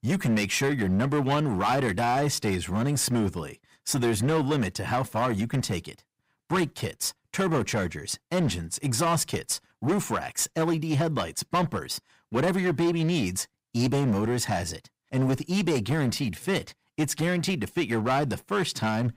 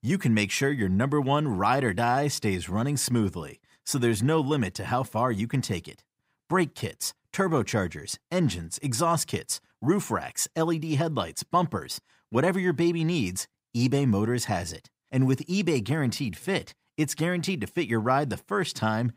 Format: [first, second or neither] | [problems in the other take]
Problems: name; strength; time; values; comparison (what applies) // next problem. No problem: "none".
second | distortion; slight; 11% of the sound clipped